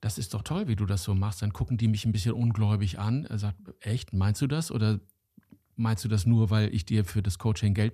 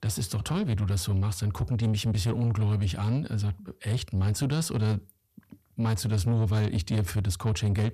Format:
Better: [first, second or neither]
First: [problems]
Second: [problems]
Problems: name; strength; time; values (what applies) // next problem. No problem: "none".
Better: first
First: none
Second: distortion; slight; 10 dB below the speech